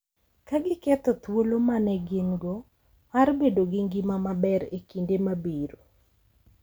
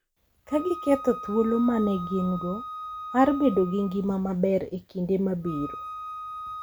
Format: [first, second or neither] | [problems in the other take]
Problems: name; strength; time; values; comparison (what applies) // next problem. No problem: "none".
first | background sound (Wind instrument, woodwind instrument); 12 dB below the speech